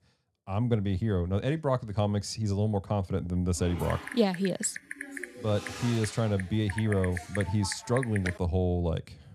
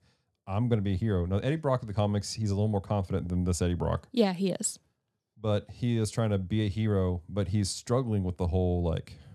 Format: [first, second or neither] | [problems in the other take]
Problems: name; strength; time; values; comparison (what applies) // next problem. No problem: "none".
second | keyboard typing; noticeable; from 3.5 to 8.5 s; peak 6 dB below the speech